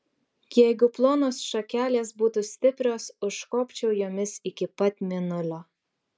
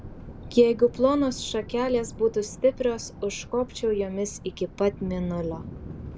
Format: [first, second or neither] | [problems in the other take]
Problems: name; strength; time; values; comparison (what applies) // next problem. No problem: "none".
first | background sound (Thunder); 14 dB below the speech